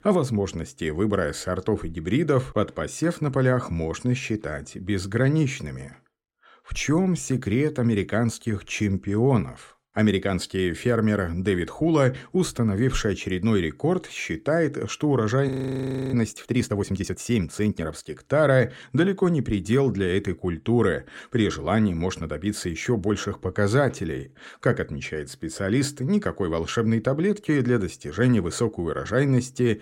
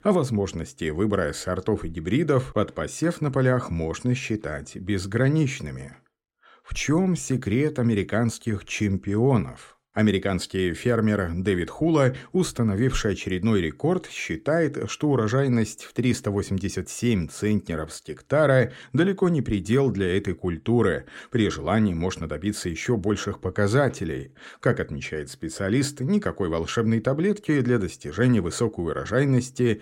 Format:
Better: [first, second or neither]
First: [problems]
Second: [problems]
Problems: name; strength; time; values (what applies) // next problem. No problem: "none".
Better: second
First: audio freezing; at 15 s for 0.5 s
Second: none